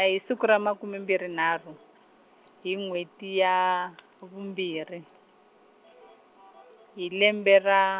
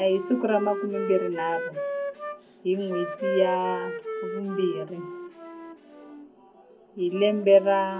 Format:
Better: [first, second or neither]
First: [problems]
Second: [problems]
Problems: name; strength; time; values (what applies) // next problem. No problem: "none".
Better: first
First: none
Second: background sound (Wind instrument, woodwind instrument); 7 dB below the speech // room echo; dies away in 0.3 s